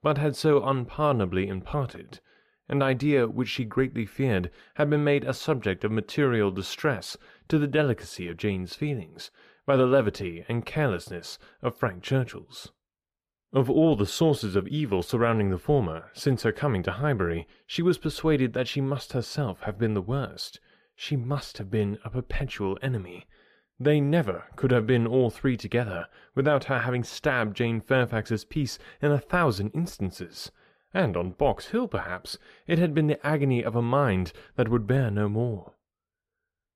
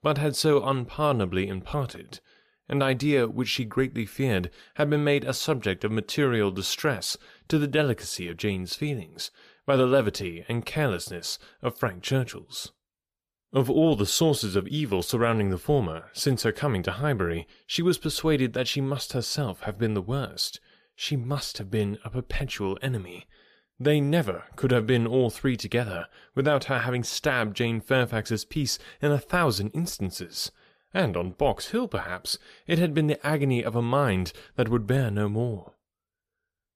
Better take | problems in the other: second | muffled; slightly; fading above 3.5 kHz

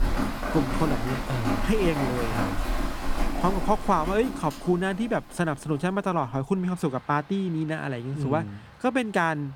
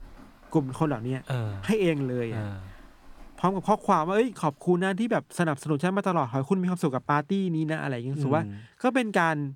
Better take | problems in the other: second | rain or running water; loud; throughout; 4 dB below the speech; faint in the second

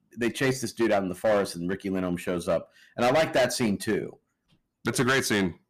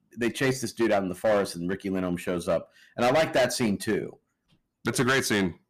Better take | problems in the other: neither | distortion; heavy; 8% of the sound clipped; the same in both

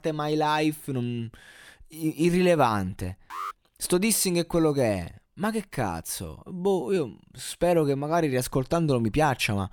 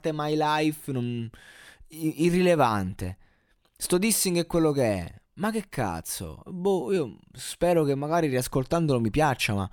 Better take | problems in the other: second | alarm; faint; at 3.5 s; peak 10 dB below the speech

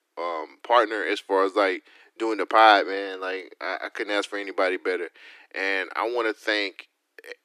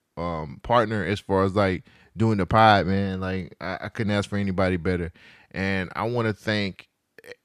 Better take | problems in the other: second | thin; very; fading below 300 Hz

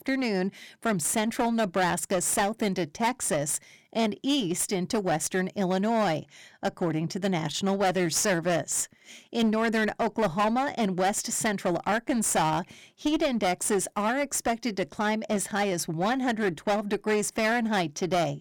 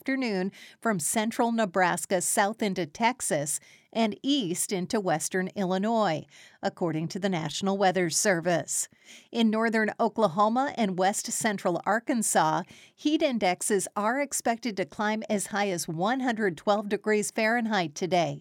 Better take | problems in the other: second | distortion; slight; 11% of the sound clipped

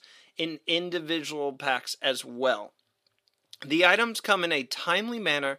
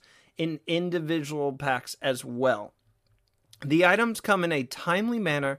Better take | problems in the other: second | thin; very slightly; fading below 300 Hz

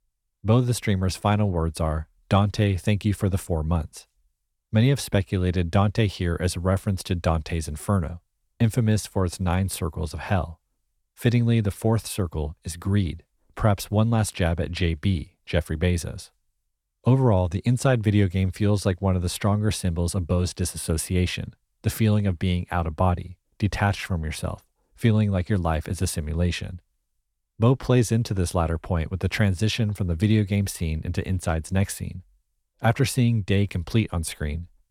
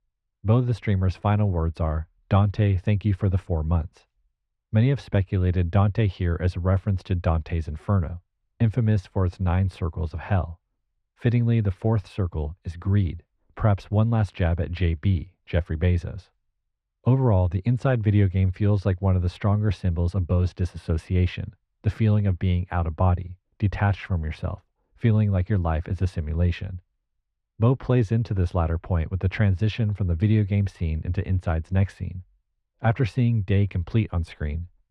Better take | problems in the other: first | muffled; slightly; fading above 2.5 kHz

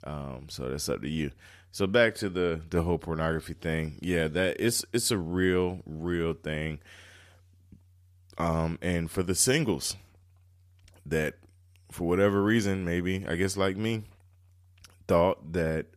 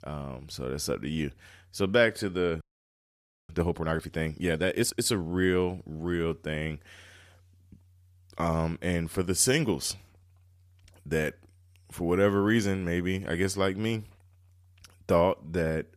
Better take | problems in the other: first | audio freezing; at 2.5 s for 1 s

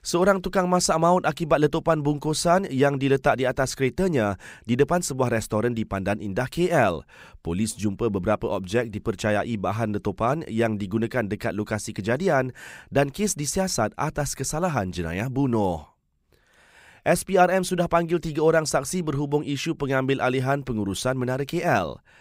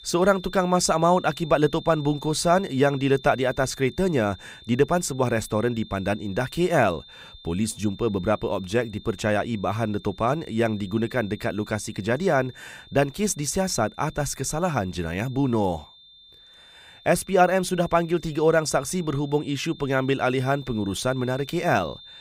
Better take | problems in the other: first | high-pitched whine; faint; throughout; 3.5 kHz, 20 dB below the speech

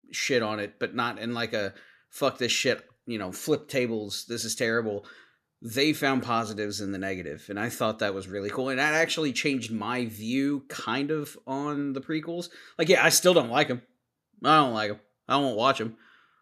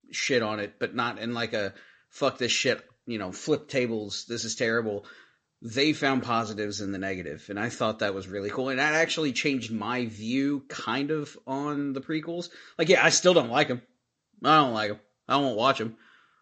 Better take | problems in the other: first | garbled, watery; slightly; nothing above 7.5 kHz

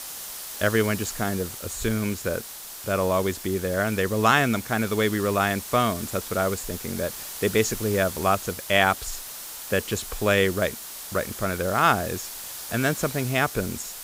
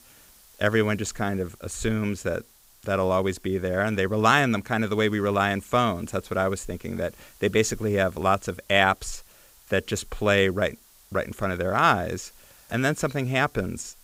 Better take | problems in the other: second | hiss; loud; throughout; 10 dB below the speech; faint in the second

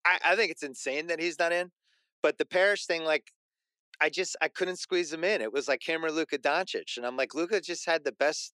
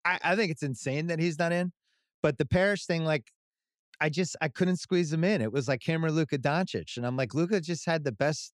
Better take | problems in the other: second | thin; very; fading below 350 Hz

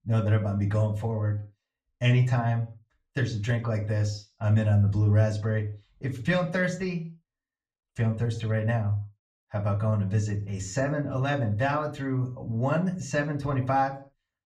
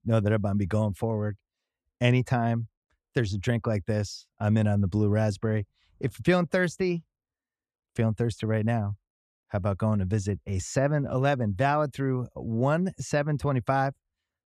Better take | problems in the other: second | room echo; very slight; dies away in 0.3 s // off-mic speech; far

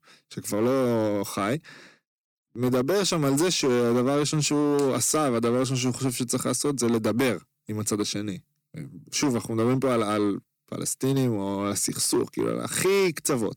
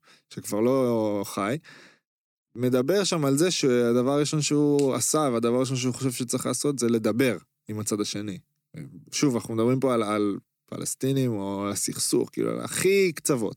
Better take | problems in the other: second | distortion; slight; 10% of the sound clipped

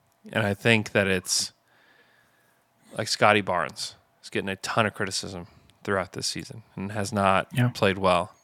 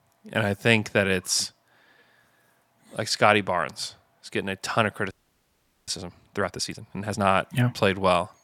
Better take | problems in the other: first | audio freezing; at 5 s for 1 s

